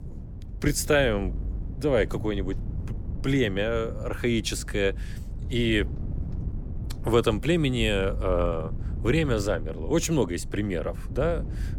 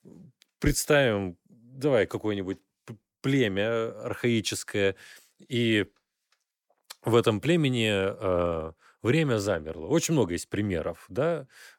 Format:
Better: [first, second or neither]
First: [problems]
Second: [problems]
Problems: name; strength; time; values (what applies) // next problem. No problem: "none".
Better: second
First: wind noise on the microphone; occasional gusts; 20 dB below the speech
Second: none